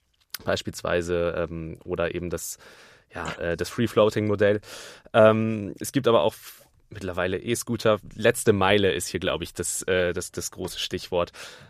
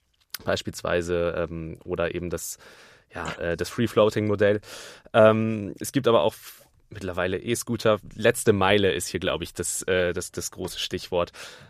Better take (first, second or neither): neither